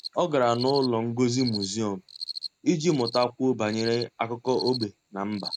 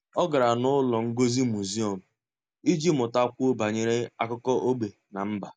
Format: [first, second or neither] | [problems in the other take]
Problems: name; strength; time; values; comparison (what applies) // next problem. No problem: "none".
second | noise reduction (neural mask model RNNoise)